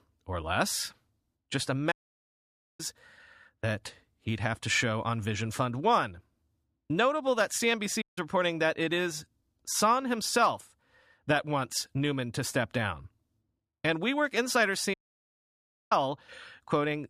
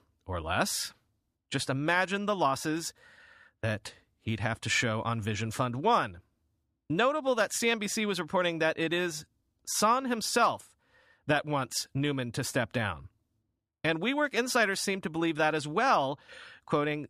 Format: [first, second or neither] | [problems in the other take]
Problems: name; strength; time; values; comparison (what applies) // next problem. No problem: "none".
second | audio cutting out; at 2 s for 1 s, at 8 s and at 15 s for 1 s